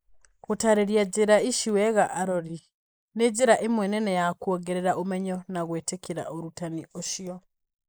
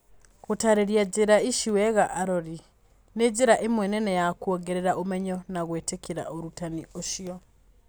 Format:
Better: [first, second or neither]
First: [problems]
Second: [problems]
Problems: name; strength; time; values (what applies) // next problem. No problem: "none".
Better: second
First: noise reduction (neural mask model Resemble Enhance denoiser)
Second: none